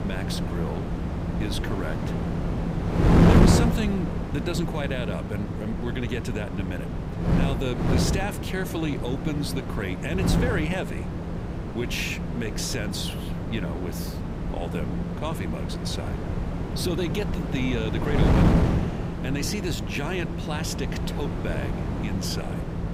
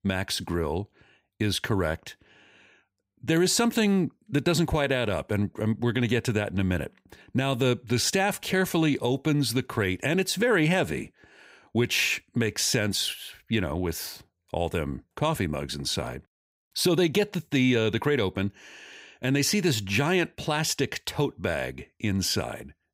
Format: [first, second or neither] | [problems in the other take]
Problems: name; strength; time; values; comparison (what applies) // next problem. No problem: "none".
second | wind noise on the microphone; heavy; as loud as the speech